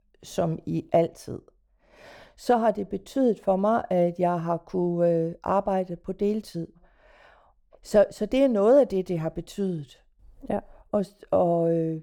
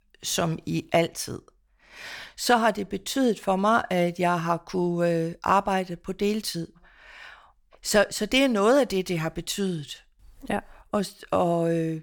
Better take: second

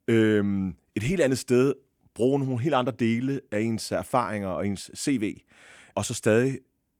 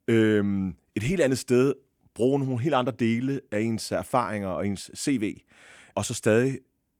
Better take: neither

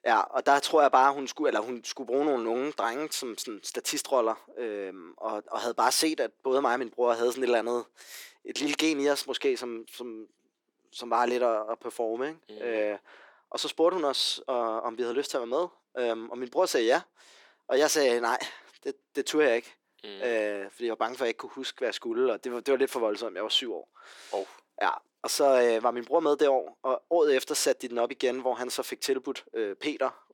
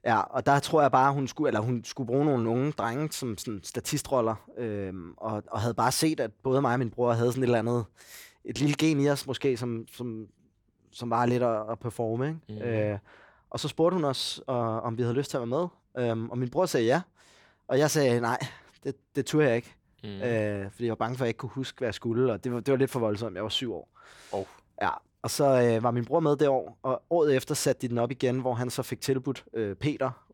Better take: second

